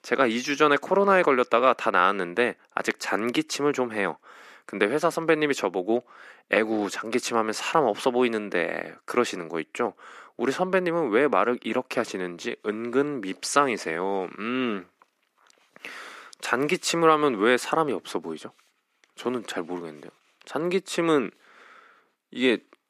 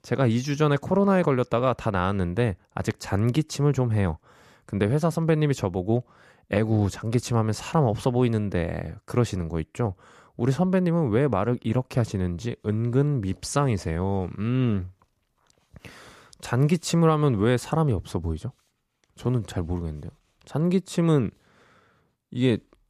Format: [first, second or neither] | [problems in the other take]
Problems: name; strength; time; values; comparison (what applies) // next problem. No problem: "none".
second | thin; somewhat; fading below 250 Hz